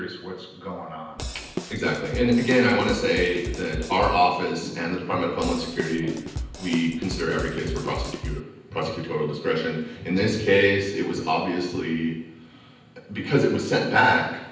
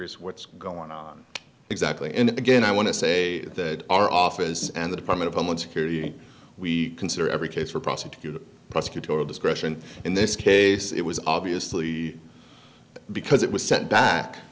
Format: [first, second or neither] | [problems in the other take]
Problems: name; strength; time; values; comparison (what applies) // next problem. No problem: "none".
second | background sound (Drum kit); 8 dB below the speech // room echo; dies away in 0.9 s